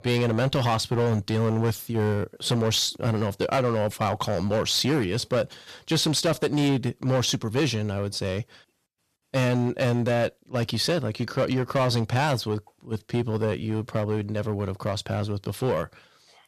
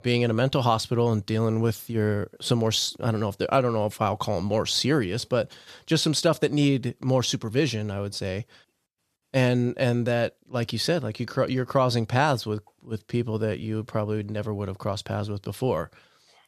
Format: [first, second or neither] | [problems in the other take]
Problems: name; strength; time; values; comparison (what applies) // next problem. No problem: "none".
second | distortion; slight; 10% of the sound clipped